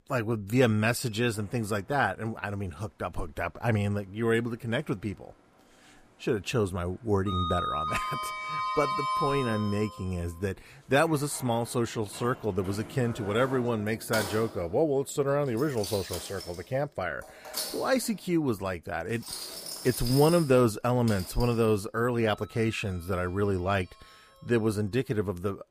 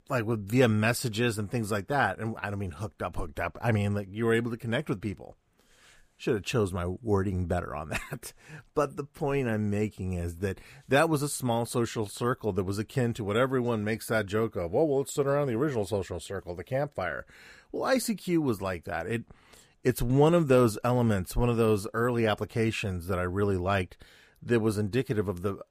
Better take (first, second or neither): second